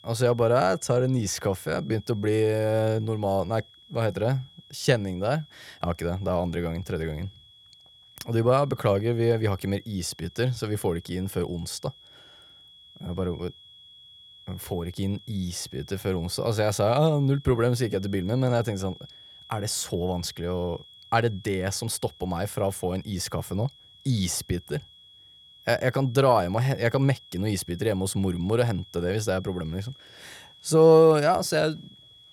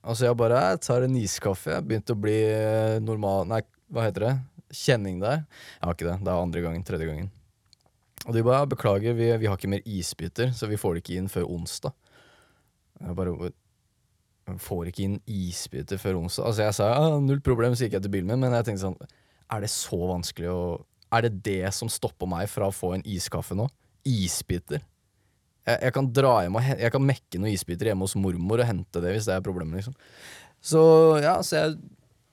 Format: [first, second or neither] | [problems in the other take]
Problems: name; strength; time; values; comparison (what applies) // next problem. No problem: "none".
second | high-pitched whine; faint; throughout; 3.5 kHz, 25 dB below the speech